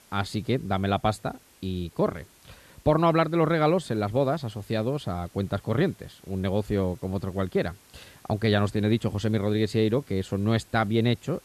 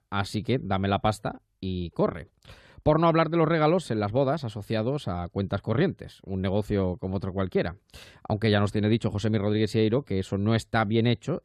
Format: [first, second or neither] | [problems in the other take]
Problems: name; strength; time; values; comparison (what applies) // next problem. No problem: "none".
second | hiss; faint; throughout; 30 dB below the speech